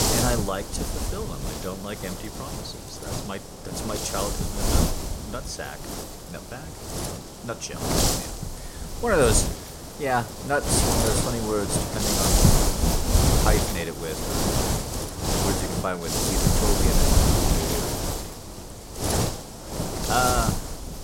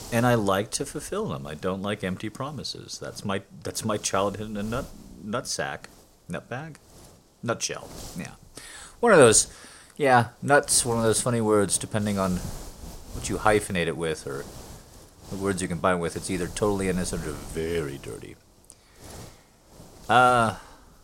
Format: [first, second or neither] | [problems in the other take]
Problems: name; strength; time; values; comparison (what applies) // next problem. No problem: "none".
second | wind noise on the microphone; heavy; 1 dB above the speech; occasional gusts in the second